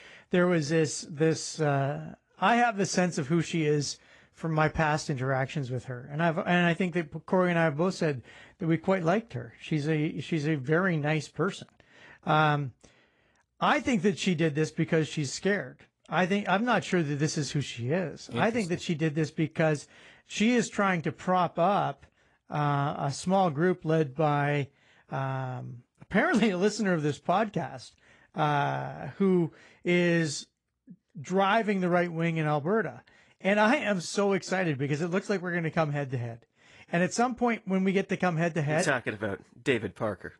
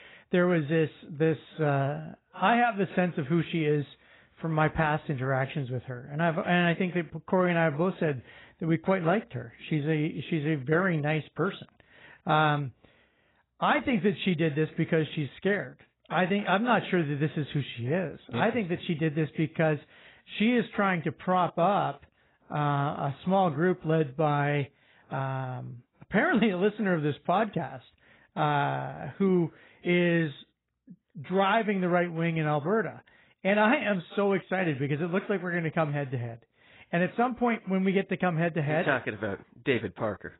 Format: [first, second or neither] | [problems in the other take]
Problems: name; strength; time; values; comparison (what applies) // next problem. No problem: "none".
first | garbled, watery; badly; nothing above 4 kHz; slightly in the first